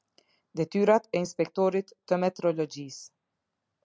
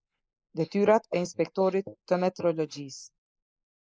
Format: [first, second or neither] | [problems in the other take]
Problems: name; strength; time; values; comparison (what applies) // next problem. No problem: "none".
first | noise reduction (neural mask model Resemble Enhance denoiser)